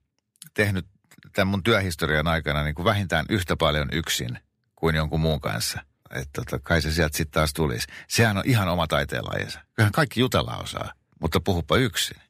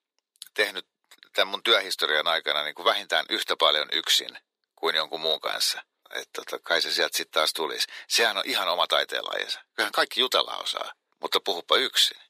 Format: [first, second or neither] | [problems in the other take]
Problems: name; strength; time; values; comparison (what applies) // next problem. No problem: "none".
first | thin; very; fading below 400 Hz